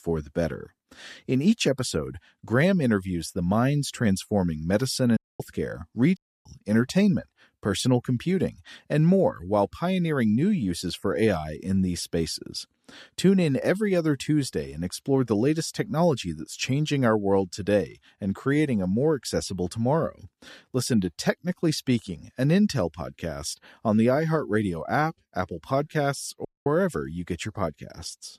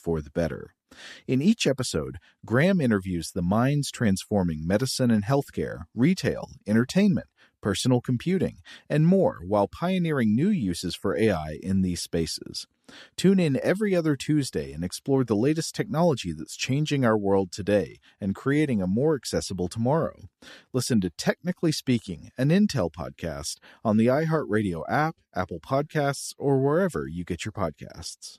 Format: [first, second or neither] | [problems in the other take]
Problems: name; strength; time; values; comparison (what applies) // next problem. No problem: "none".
second | audio cutting out; at 5 s, at 6 s and at 26 s